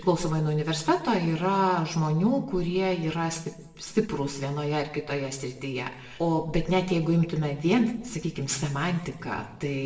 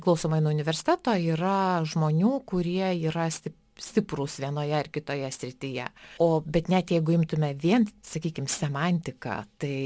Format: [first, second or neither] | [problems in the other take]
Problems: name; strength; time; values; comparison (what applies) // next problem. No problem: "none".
second | room echo; dies away in 0.7 s